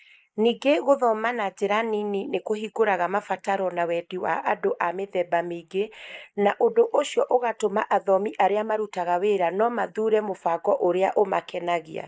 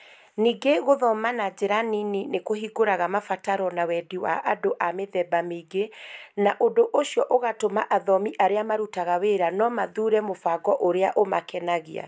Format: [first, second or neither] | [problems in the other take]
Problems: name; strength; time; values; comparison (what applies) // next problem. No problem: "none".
second | noise reduction (neural mask model Resemble Enhance denoiser)